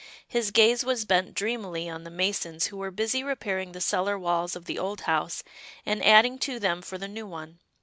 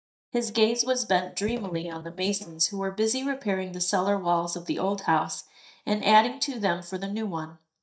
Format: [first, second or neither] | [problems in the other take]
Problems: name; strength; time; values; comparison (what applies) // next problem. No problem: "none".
first | noise reduction (neural mask model DeepFilterNet 3)